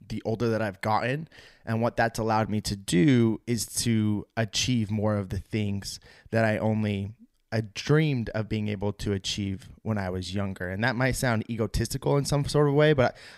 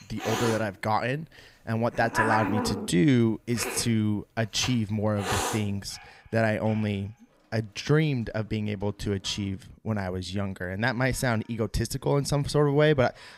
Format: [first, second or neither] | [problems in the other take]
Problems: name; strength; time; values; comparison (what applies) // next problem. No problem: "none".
first | animal sounds; loud; throughout; 4 dB below the speech